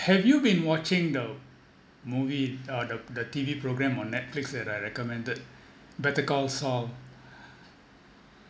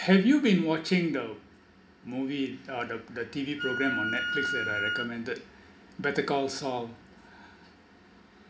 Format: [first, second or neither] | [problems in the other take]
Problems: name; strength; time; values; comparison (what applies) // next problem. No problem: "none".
first | background sound (Wind instrument, woodwind instrument); 3 dB below the speech // room echo; dies away in 0.3 s